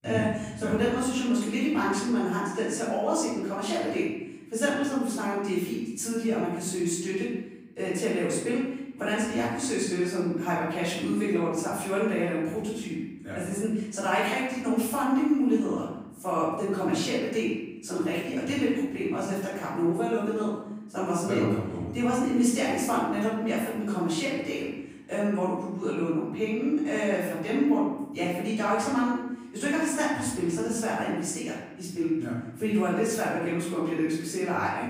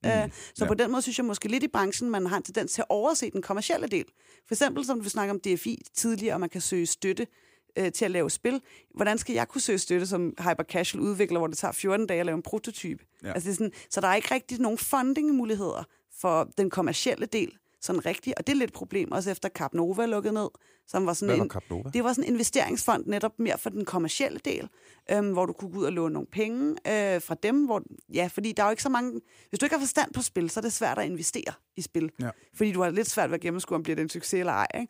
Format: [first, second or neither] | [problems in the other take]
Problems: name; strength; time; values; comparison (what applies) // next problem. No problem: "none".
second | off-mic speech; far // room echo; noticeable; dies away in 0.9 s